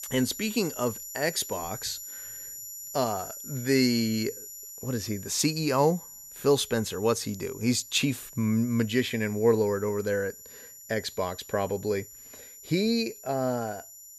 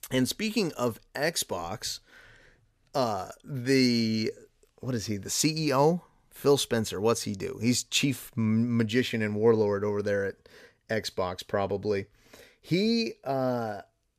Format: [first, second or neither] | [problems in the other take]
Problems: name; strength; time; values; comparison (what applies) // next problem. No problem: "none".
second | high-pitched whine; noticeable; throughout; 7 kHz, 15 dB below the speech